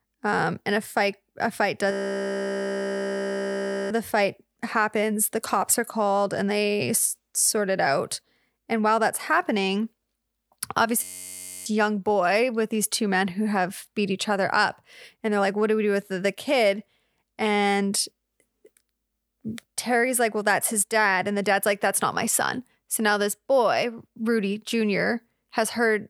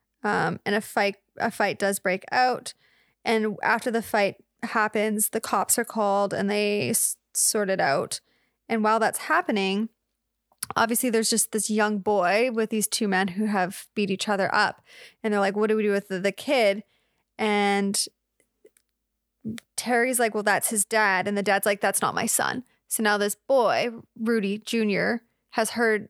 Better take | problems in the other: second | audio freezing; at 2 s for 2 s and at 11 s for 0.5 s

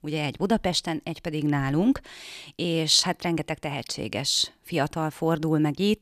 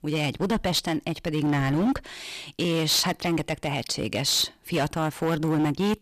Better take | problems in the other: first | distortion; heavy; 14% of the sound clipped

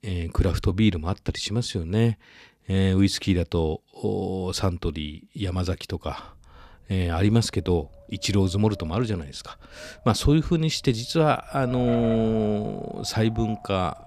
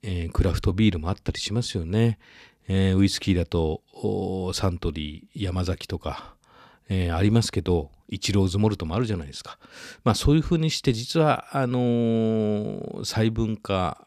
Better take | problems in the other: second | wind noise on the microphone; heavy; from 6 s on; 9 dB below the speech

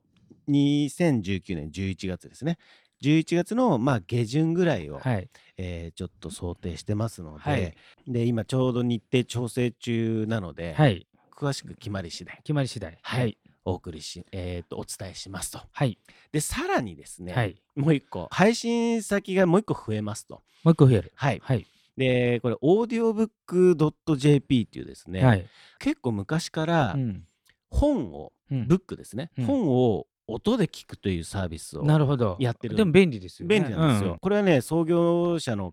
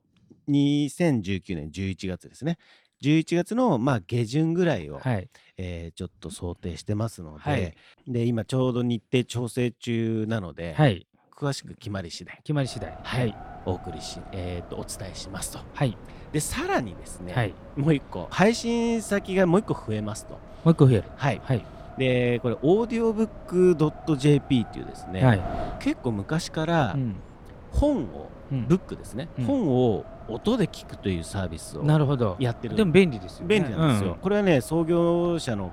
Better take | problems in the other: first | wind noise on the microphone; occasional gusts; from 13 s on; 15 dB below the speech

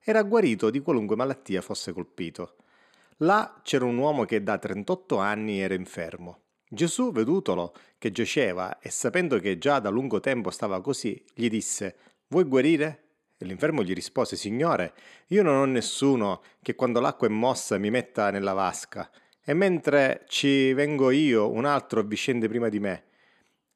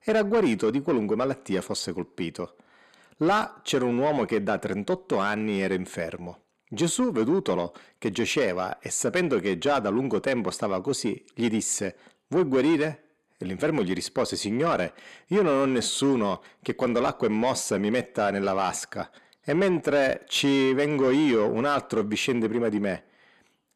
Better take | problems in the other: first | distortion; slight; 10 dB below the speech

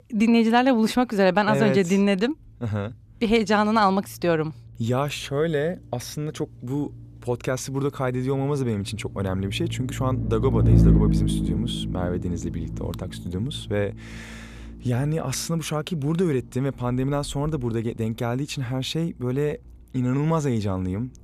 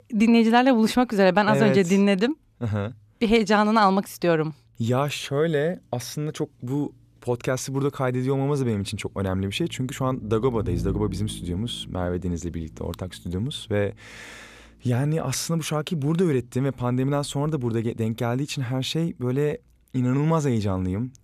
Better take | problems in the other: second | low rumble; loud; throughout; 9 dB below the speech; faint in the second

